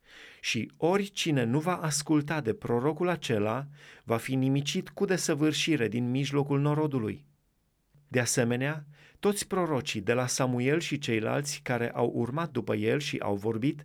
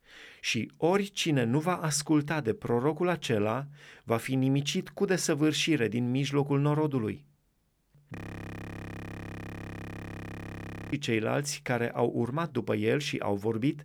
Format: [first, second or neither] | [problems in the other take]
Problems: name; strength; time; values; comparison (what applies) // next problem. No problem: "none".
first | audio freezing; at 8 s for 3 s